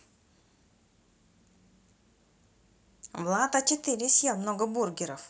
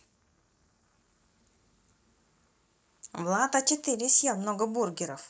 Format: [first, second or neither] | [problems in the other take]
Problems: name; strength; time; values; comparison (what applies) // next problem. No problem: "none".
first | noise reduction (neural mask model Resemble Enhance denoiser)